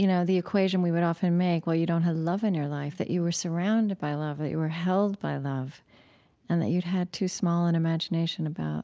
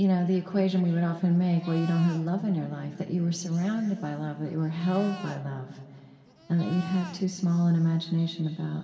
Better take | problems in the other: first | background sound (Livestock, farm animals, working animals); 18 dB below the speech // room echo; dies away in 2.4 s

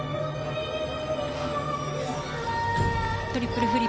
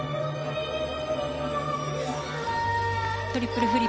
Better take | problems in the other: second | background sound (Sliding door); 8 dB below the speech

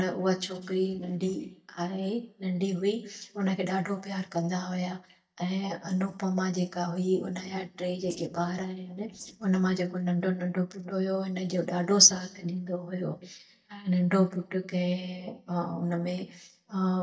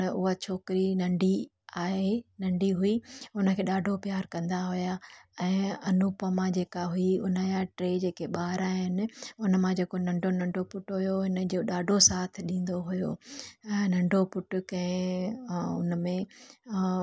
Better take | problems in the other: second | noise reduction (neural mask model DeepFilterNet 3)

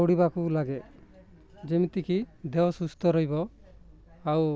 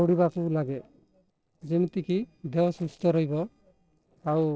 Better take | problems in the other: first | noise reduction (neural separator model SepFormer DNS4)

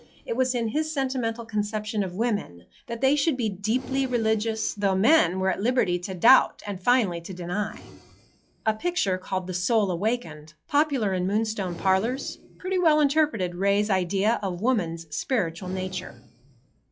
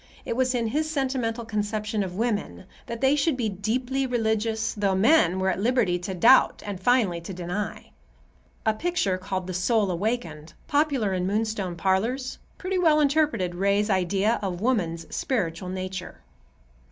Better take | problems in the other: second | noise reduction (classical method log-MMSE)

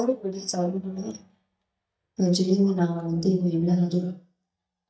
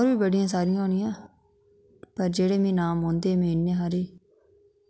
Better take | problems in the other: second | noise reduction (neural mask model DeepFilterNet 3)

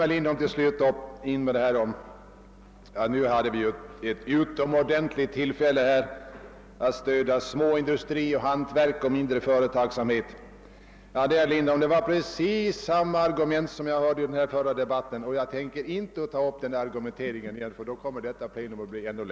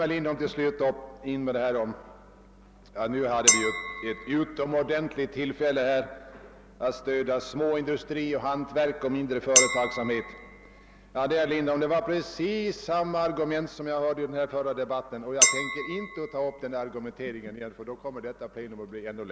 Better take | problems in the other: first | background sound (Chink, clink); as loud as the speech

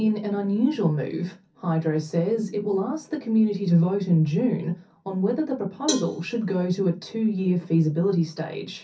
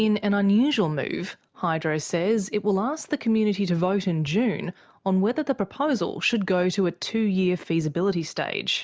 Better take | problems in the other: second | background sound (Cowbell); 13 dB below the speech // room echo; dies away in 0.3 s

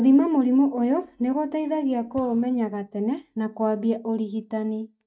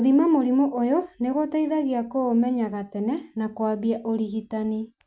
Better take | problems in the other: second | noise reduction (neural mask model DeepFilterNet 3)

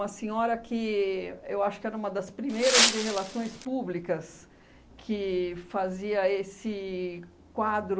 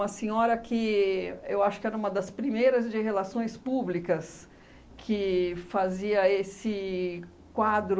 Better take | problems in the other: second | background sound (Wind); 4 dB above the speech

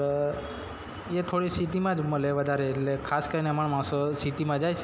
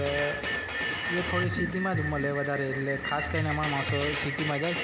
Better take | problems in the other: first | background sound (Rain + Drum kit); 1 dB below the speech

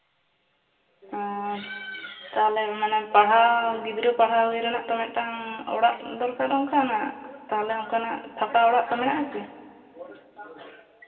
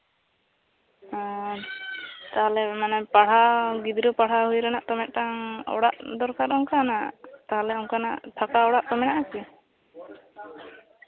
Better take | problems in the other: second | room echo; dies away in 2.5 s

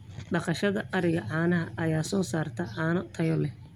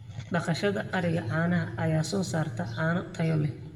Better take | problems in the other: first | room echo; dies away in 1.1 s

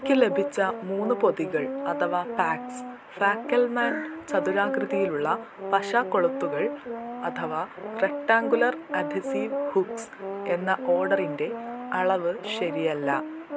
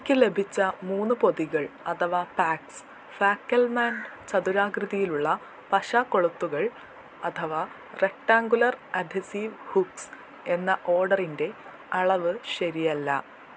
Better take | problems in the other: second | background sound (Brass instrument); 6 dB below the speech

